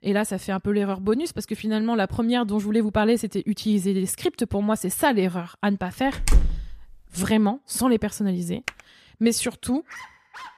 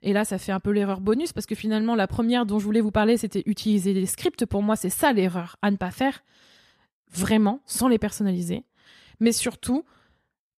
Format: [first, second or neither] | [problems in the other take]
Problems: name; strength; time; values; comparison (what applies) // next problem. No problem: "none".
second | door banging; loud; at 6 s; peak 1 dB above the speech // keyboard typing; very faint; at 8.5 s; peak 10 dB below the speech // dog barking; faint; at 10 s; peak 15 dB below the speech